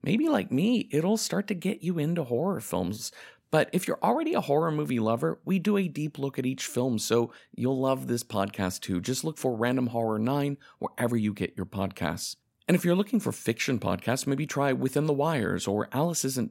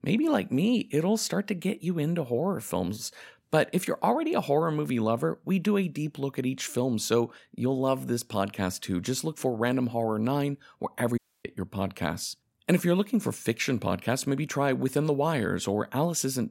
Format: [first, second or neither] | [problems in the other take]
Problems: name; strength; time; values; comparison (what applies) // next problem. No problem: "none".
first | audio cutting out; at 11 s